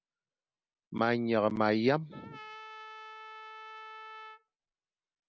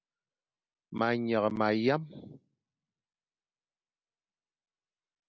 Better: second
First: background sound (Trumpet); 15 dB below the speech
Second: none

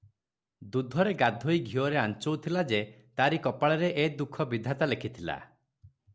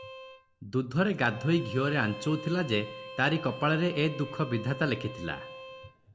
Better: first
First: none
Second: background sound (Bowed string instrument); 14 dB below the speech // room echo; dies away in 0.6 s

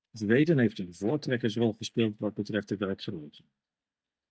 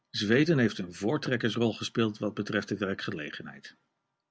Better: second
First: noise reduction (neural mask model DeepFilterNet 3)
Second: none

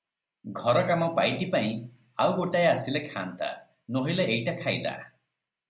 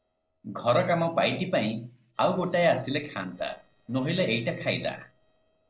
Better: first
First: none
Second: noise reduction (neural separator model SepFormer DNS4)

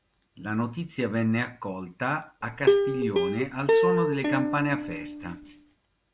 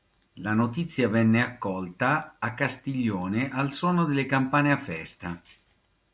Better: second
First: background sound (Plucked string instrument); 4 dB above the speech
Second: none

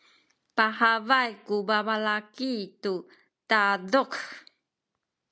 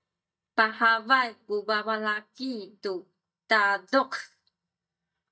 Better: first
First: none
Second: noise reduction (neural mask model DeepFilterNet 3)

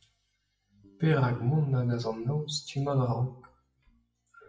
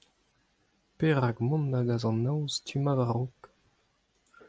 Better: second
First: noise reduction (classical method WPE with log-MMSE)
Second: none

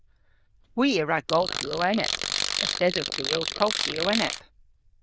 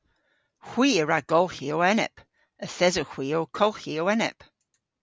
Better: second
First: noise reduction (neural diffusion model UNIVERSE++)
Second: none

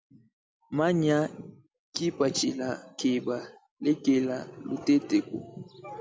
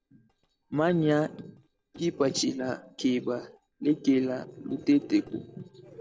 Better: first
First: none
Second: noise reduction (neural separator model SepFormer DNS4)

